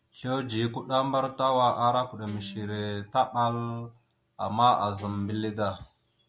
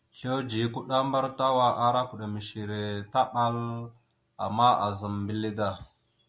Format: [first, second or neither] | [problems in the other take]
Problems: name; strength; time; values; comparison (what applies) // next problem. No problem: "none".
second | background sound (Guitar); 17 dB below the speech